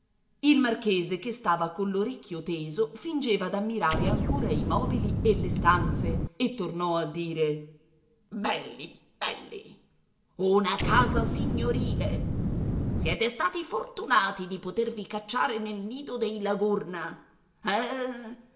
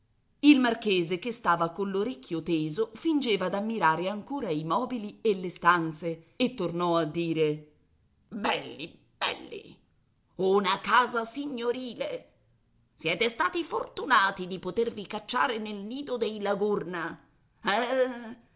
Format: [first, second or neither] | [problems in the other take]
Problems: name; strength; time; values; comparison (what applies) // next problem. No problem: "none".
second | background sound (Explosion); 2 dB above the speech // room echo; dies away in 0.7 s